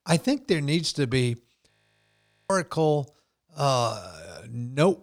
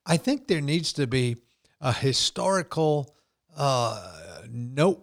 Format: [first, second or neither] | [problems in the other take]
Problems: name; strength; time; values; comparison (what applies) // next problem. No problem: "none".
second | audio freezing; at 1.5 s for 1 s